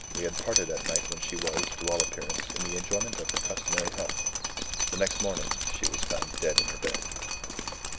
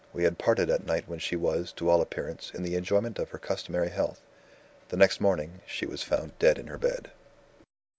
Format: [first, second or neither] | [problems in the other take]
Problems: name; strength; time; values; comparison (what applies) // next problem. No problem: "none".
second | background sound (Drip); 4 dB above the speech